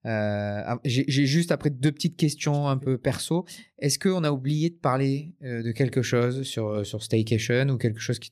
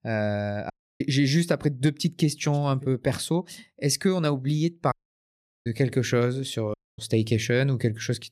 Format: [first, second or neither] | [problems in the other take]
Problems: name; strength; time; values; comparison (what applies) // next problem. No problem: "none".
first | audio cutting out; at 0.5 s, at 5 s for 0.5 s and at 6.5 s